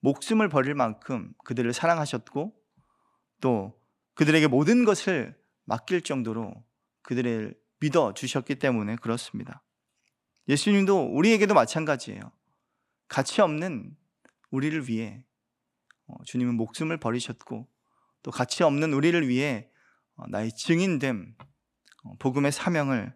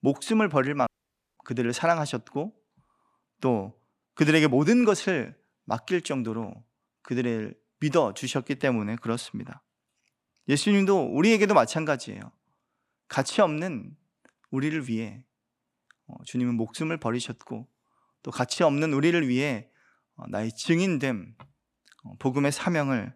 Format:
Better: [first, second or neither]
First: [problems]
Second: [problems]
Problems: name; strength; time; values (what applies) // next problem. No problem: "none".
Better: first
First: none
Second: audio cutting out; at 1 s for 0.5 s